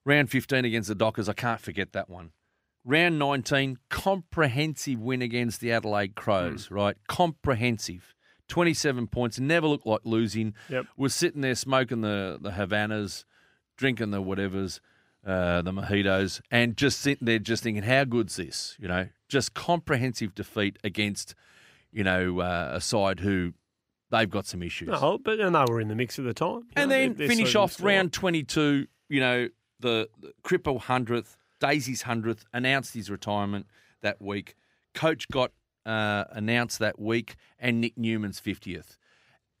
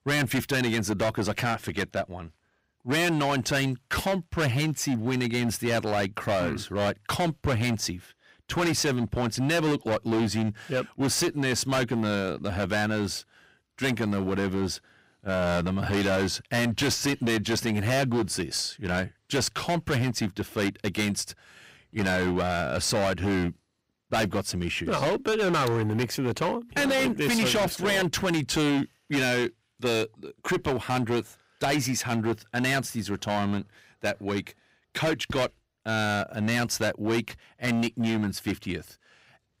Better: first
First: none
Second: distortion; heavy; 18% of the sound clipped

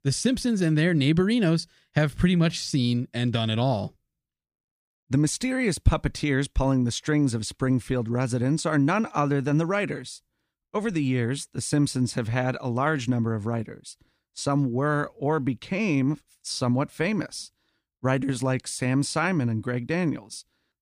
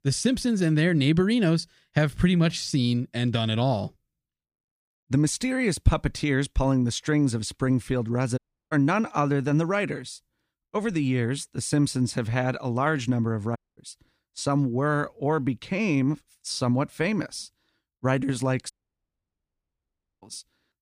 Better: first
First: none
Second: audio cutting out; at 8.5 s, at 14 s and at 19 s for 1.5 s

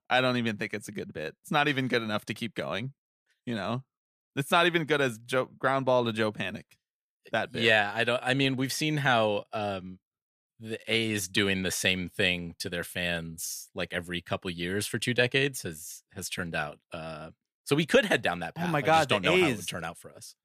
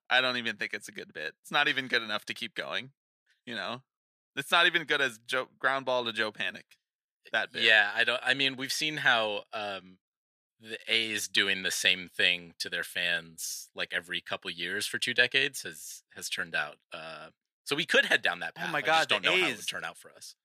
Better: first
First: none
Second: thin; somewhat; fading below 950 Hz

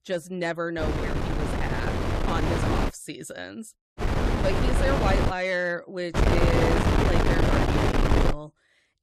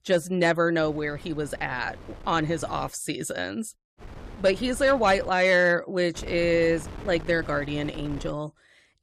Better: second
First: wind noise on the microphone; heavy; from 1 to 3 s, from 4 to 5.5 s and from 6 to 8.5 s; 2 dB above the speech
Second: wind noise on the microphone; occasional gusts; from 1 to 3 s, from 4 to 5.5 s and from 6 to 8.5 s; 20 dB below the speech

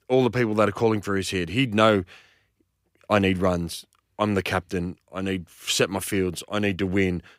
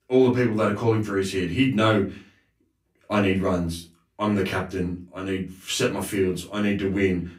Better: first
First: none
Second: off-mic speech; far // room echo; very slight; dies away in 0.3 s

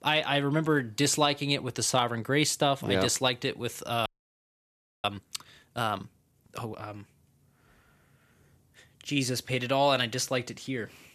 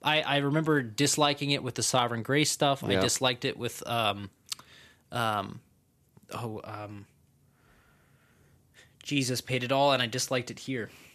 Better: second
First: audio freezing; at 4 s for 1 s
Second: none

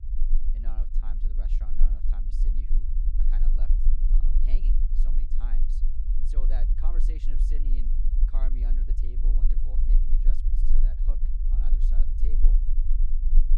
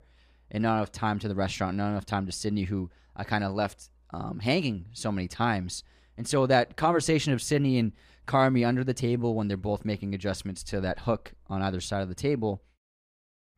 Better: second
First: low rumble; loud; throughout; 1 dB below the speech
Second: none

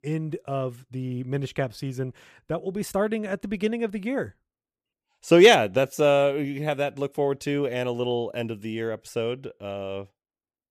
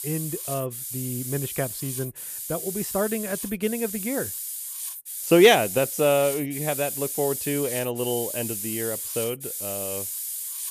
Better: first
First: none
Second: hiss; loud; throughout; 5 dB below the speech

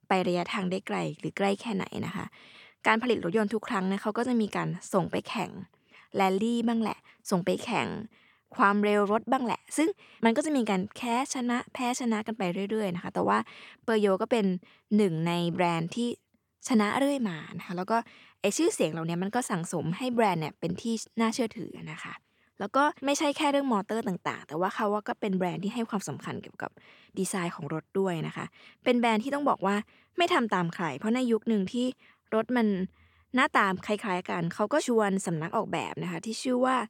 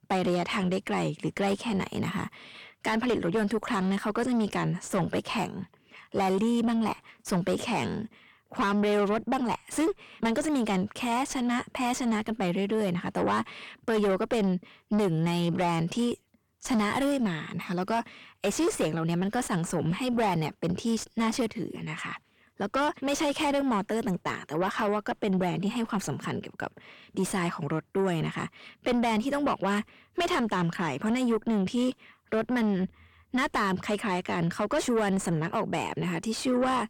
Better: first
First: none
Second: distortion; heavy; 7 dB below the speech

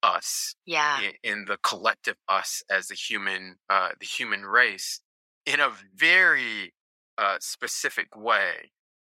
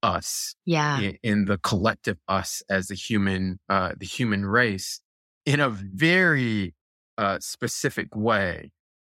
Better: second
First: thin; very; fading below 650 Hz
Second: none

